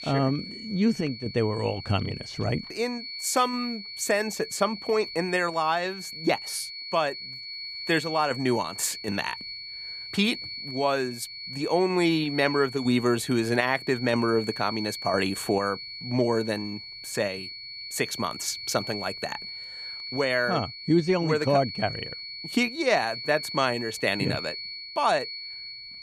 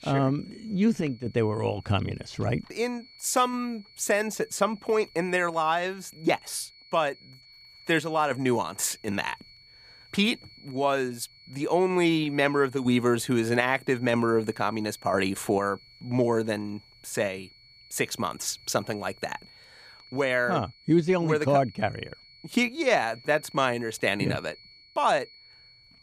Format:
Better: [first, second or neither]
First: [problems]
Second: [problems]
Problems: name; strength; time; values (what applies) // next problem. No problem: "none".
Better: second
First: high-pitched whine; loud; throughout; 4.5 kHz, 9 dB below the speech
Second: high-pitched whine; faint; throughout; 4.5 kHz, 25 dB below the speech